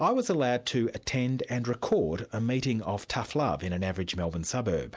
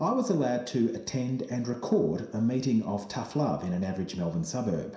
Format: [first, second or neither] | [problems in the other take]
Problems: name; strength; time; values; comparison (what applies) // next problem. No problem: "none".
first | room echo; dies away in 0.7 s